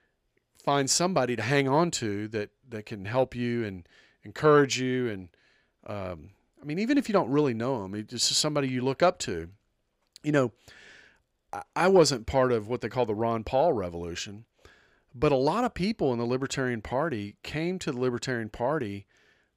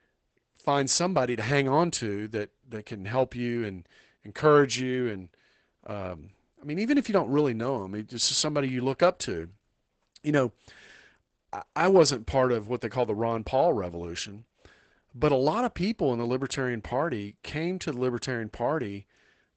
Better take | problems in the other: first | garbled, watery; badly; nothing above 8 kHz

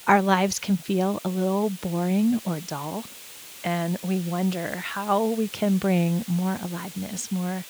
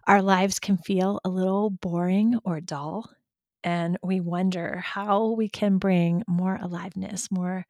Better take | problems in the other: second | hiss; noticeable; throughout; 15 dB below the speech

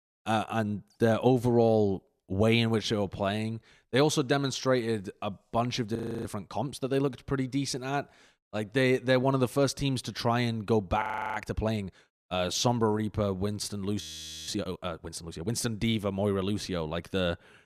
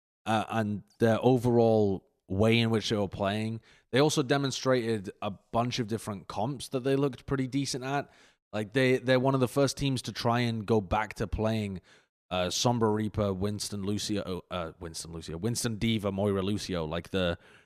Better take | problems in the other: second | audio freezing; at 6 s, at 11 s and at 14 s

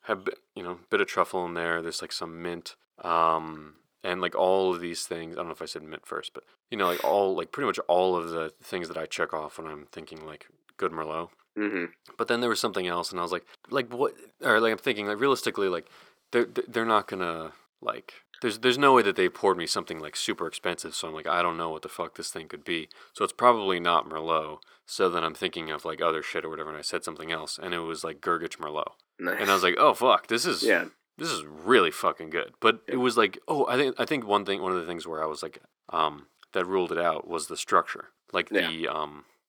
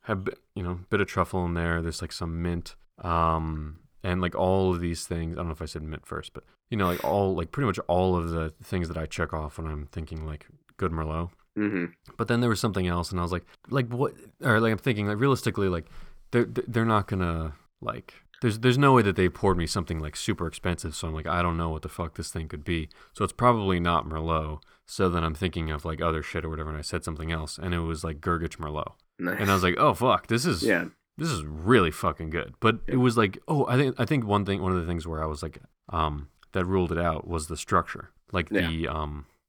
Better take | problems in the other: second | thin; somewhat; fading below 400 Hz

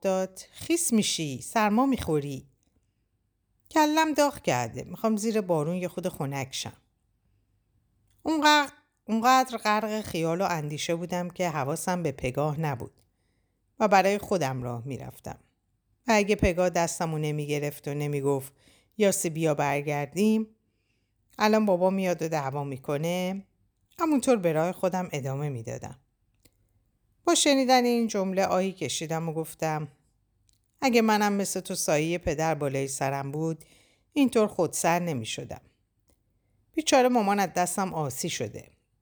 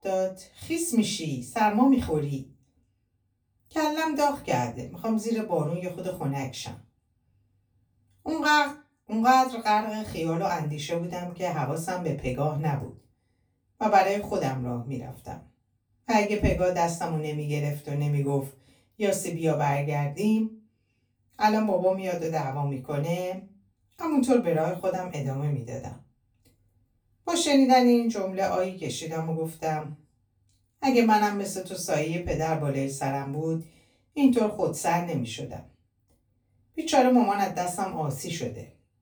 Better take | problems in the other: first | off-mic speech; far // room echo; very slight; dies away in 0.2 s

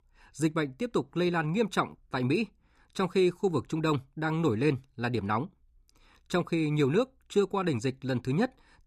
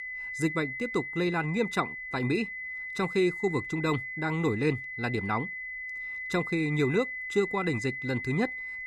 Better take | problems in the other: first | high-pitched whine; loud; throughout; 2 kHz, 5 dB below the speech

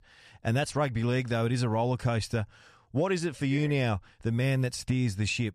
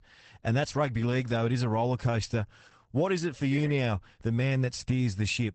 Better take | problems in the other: first | garbled, watery; badly; nothing above 8 kHz

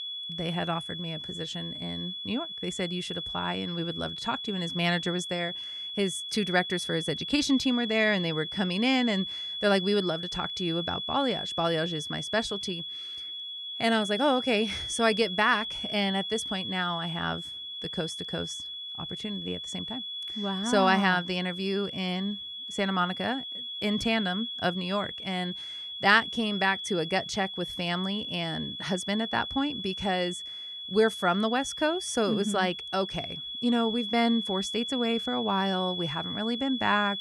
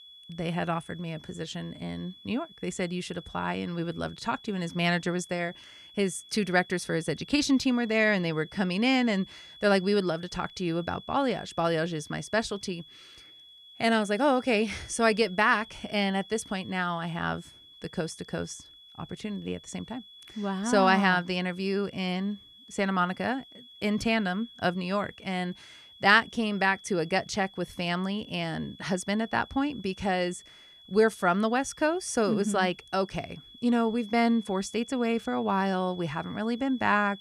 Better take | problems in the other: second | high-pitched whine; loud; throughout; 3.5 kHz, 5 dB below the speech; faint in the second

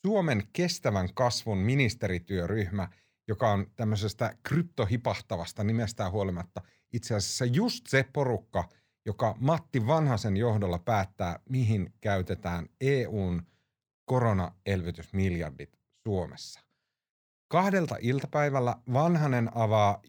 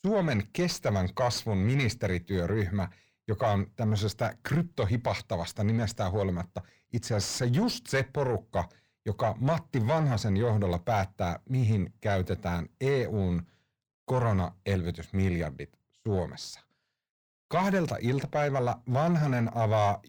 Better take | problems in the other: first | distortion; slight; 10 dB below the speech

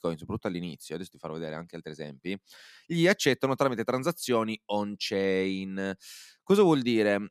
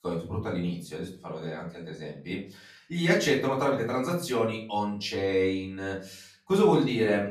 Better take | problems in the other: first | room echo; slight; dies away in 0.5 s // off-mic speech; far

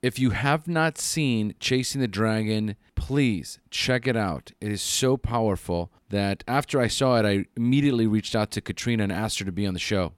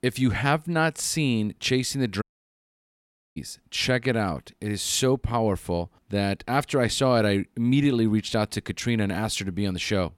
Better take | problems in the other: first | audio cutting out; at 2 s for 1 s

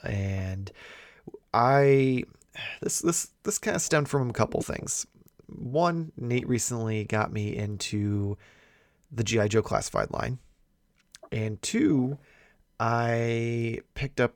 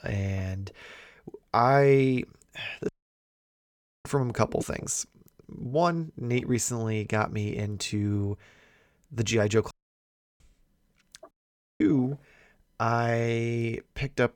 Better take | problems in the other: first | audio cutting out; at 3 s for 1 s, at 9.5 s for 0.5 s and at 11 s

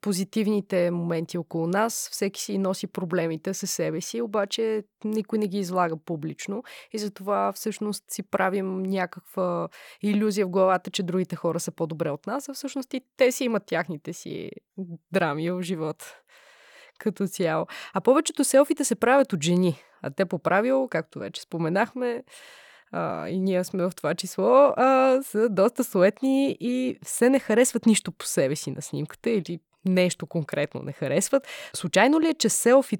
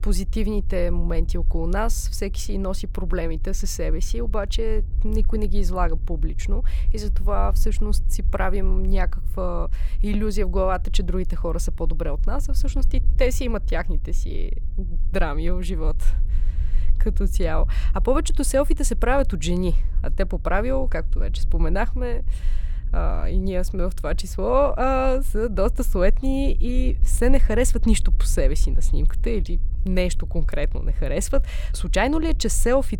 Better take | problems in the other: first | low rumble; faint; throughout; 25 dB below the speech

